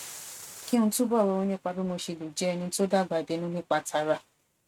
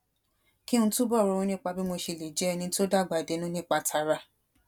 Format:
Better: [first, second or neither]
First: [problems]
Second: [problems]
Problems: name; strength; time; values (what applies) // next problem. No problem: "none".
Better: second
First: noise reduction (neural mask model RNNoise)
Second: none